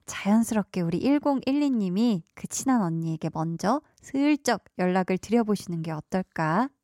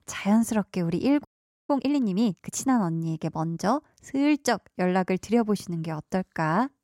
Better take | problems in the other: first | audio freezing; at 1.5 s

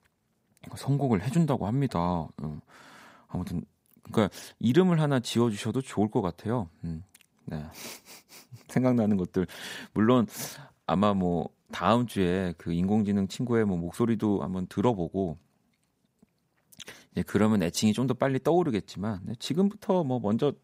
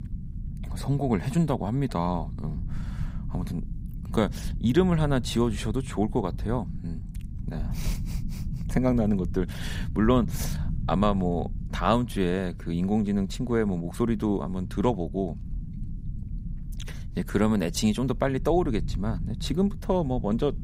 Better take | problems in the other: first | low rumble; noticeable; throughout; 20 dB below the speech

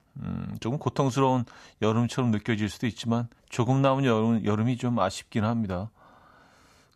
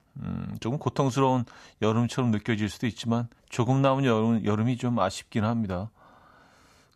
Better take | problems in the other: neither | none

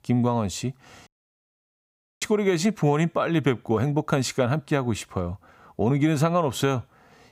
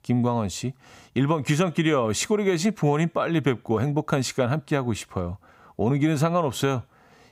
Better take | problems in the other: second | audio cutting out; at 1 s for 1 s

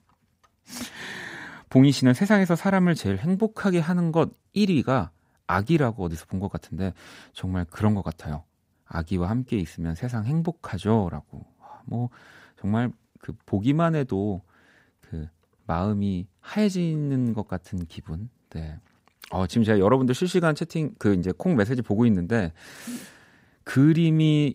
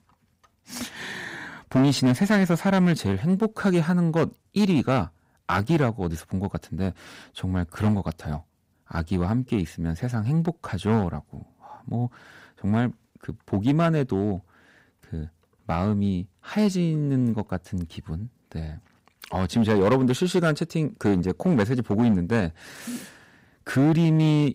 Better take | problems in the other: first | distortion; slight; 4% of the sound clipped

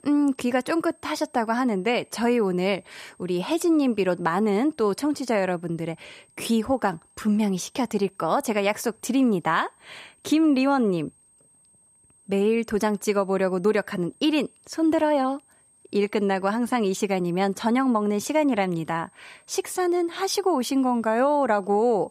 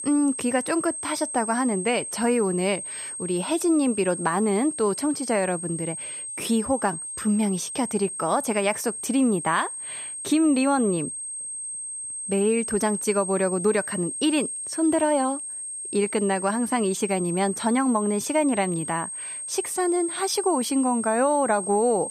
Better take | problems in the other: first | high-pitched whine; loud; throughout; 8.5 kHz, 6 dB below the speech; faint in the first

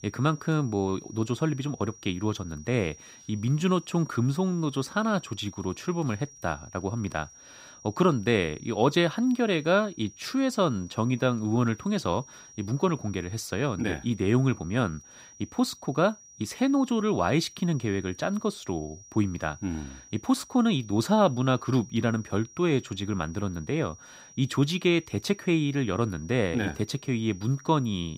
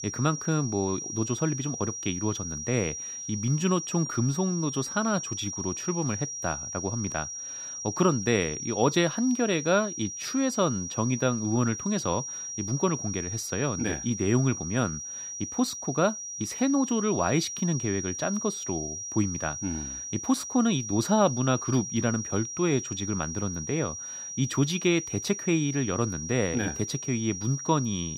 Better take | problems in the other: first | high-pitched whine; loud; throughout; 5.5 kHz, 6 dB below the speech; faint in the first

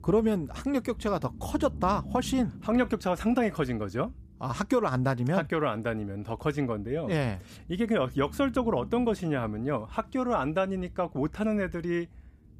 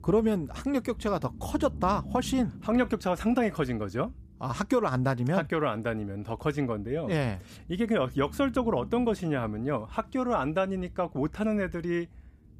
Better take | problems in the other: neither | low rumble; faint; throughout; 25 dB below the speech; the same in both

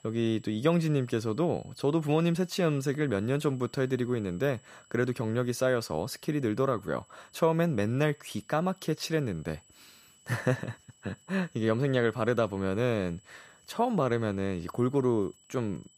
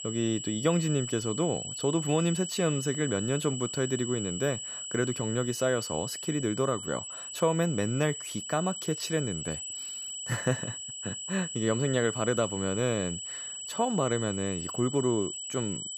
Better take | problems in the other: first | high-pitched whine; loud; throughout; 8 kHz, 5 dB below the speech; faint in the first

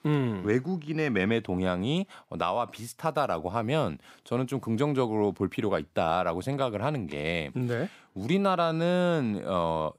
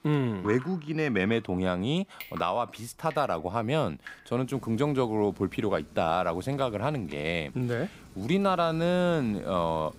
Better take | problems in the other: first | rain or running water; noticeable; throughout; 20 dB below the speech

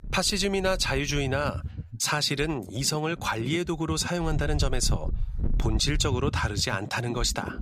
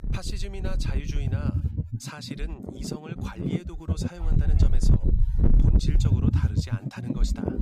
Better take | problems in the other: first | wind noise on the microphone; heavy; 3 dB above the speech; occasional gusts in the first

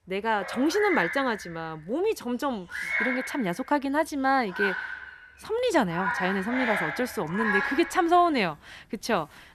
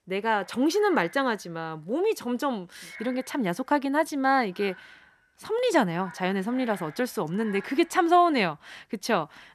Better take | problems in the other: second | animal sounds; loud; throughout; 3 dB below the speech; faint in the second

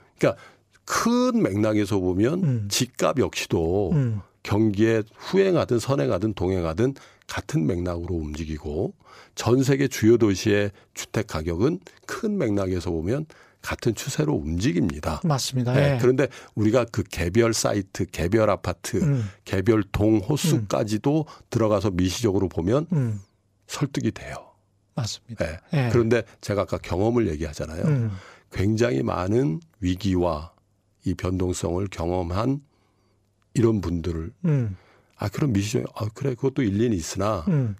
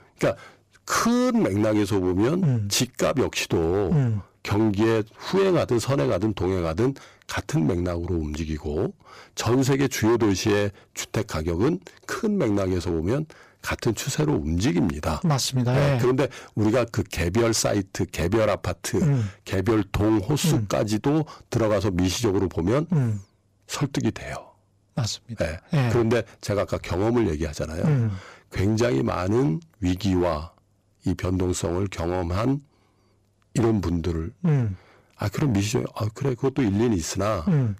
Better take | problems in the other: first | distortion; slight; 8% of the sound clipped

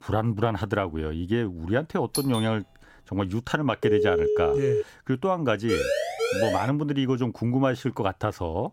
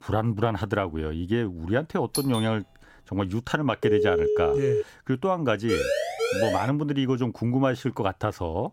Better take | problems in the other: neither | doorbell; noticeable; at 2 s; peak 5 dB below the speech; the same in both // phone ringing; loud; from 4 to 5 s; peak 4 dB above the speech; the same in both // siren; loud; from 5.5 to 6.5 s; peak 1 dB above the speech; the same in both

